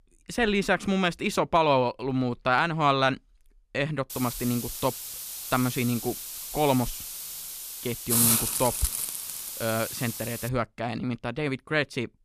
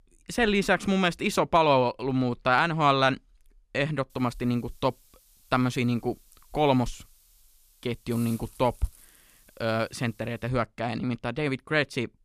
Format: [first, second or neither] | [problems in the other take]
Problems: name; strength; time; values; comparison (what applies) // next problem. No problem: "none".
second | hiss; loud; from 4 to 10 s; 2 dB below the speech; faint in the second